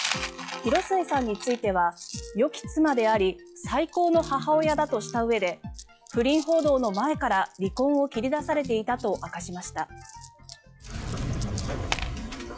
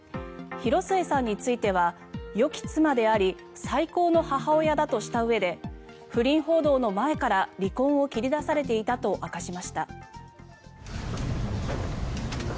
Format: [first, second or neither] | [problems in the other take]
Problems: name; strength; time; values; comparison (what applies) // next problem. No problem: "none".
second | noise reduction (classical method log-MMSE)